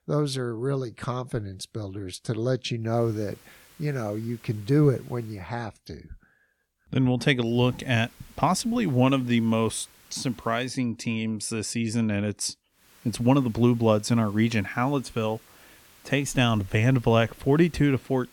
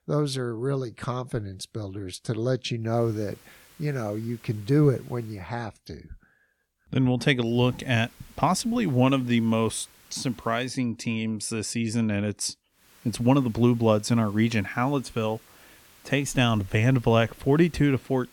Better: neither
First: hiss; faint; from 3 to 5.5 s, from 7.5 to 11 s and from 13 s on; 25 dB below the speech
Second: hiss; faint; from 3 to 5.5 s, from 7.5 to 11 s and from 13 s on; 25 dB below the speech

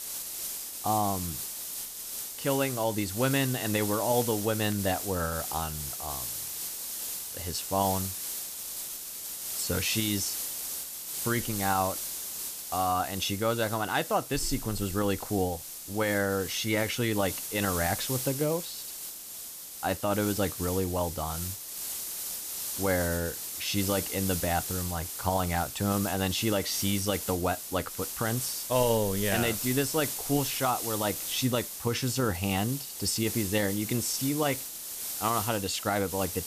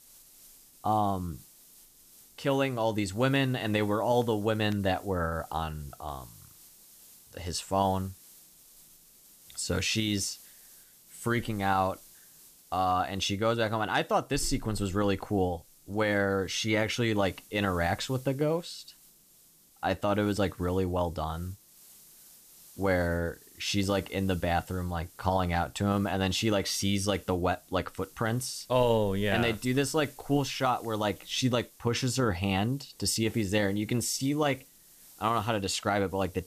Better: second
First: hiss; loud; throughout; 4 dB below the speech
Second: hiss; faint; throughout; 25 dB below the speech

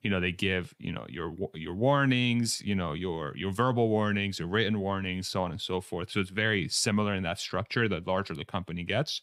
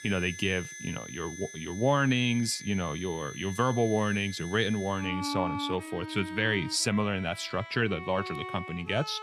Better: first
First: none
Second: background music; noticeable; throughout; 10 dB below the speech

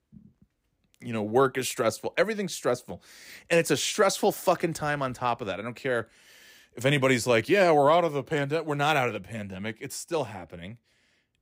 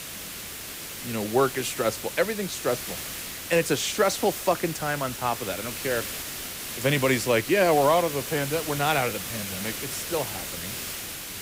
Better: first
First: none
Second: hiss; loud; throughout; 7 dB below the speech

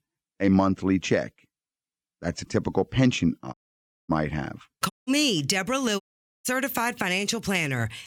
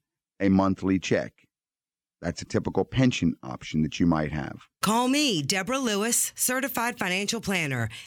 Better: second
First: audio cutting out; at 3.5 s for 0.5 s, at 5 s and at 6 s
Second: none

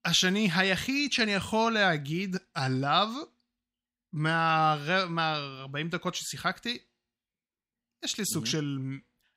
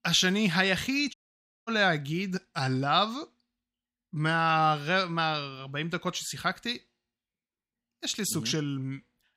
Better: first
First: none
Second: audio cutting out; at 1 s for 0.5 s

